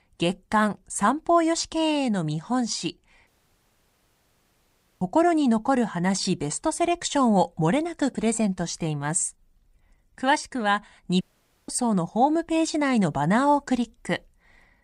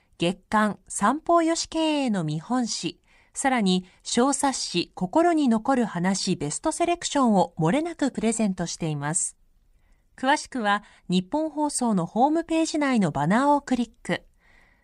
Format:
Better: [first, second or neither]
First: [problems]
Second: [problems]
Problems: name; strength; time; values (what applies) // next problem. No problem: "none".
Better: second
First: audio cutting out; at 3.5 s for 1.5 s and at 11 s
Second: none